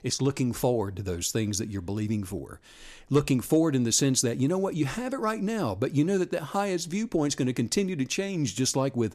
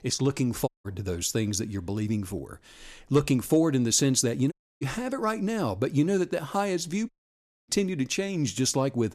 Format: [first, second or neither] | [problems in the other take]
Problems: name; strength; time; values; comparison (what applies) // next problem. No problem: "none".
first | audio cutting out; at 0.5 s, at 4.5 s and at 7 s for 0.5 s